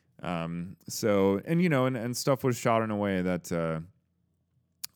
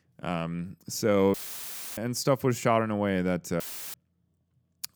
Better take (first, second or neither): first